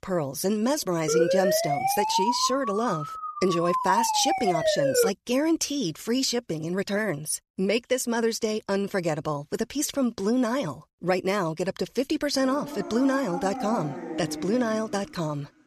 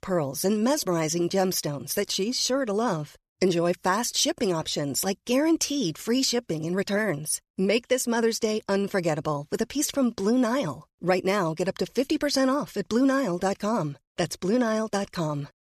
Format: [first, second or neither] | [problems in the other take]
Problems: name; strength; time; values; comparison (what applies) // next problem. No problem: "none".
second | siren; loud; from 1 to 5 s; peak 4 dB above the speech // dog barking; noticeable; from 12 to 15 s; peak 5 dB below the speech